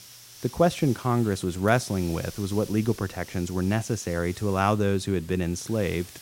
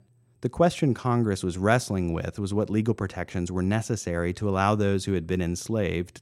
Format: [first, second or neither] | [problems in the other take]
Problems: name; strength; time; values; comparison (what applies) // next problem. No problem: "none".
second | hiss; noticeable; throughout; 20 dB below the speech